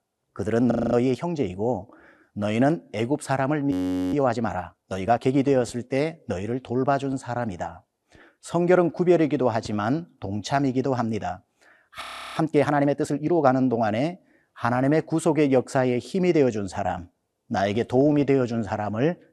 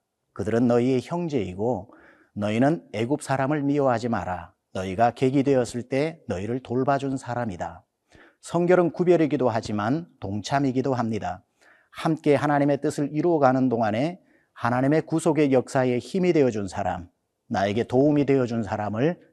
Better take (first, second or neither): second